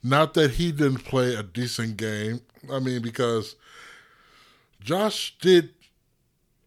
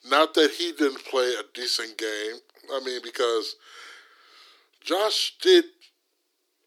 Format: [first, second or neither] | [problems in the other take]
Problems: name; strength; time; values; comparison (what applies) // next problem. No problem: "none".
first | thin; somewhat; fading below 300 Hz